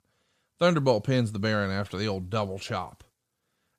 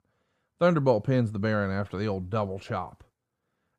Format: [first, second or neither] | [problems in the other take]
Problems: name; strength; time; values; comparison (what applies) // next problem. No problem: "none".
first | muffled; slightly; fading above 2.5 kHz